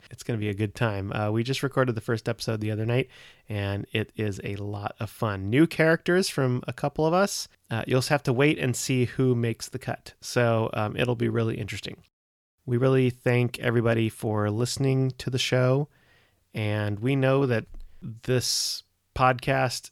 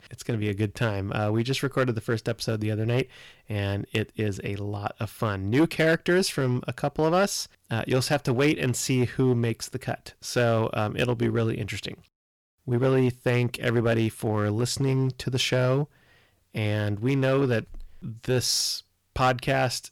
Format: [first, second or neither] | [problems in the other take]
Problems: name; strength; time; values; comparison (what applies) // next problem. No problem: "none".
first | distortion; slight; 4% of the sound clipped